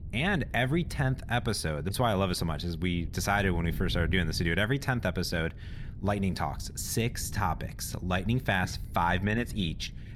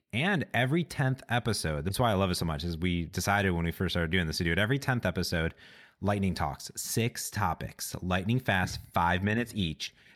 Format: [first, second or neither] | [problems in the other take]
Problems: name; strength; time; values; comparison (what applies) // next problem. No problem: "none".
second | wind noise on the microphone; occasional gusts; 25 dB below the speech